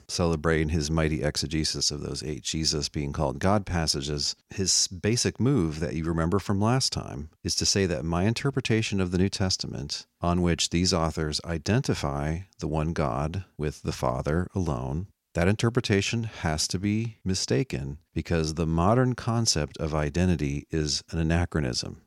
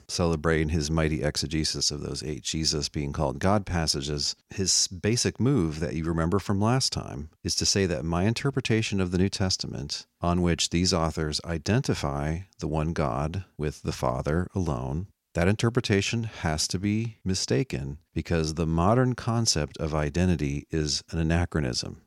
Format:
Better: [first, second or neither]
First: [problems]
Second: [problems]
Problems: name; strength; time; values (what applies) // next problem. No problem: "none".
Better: neither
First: none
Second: none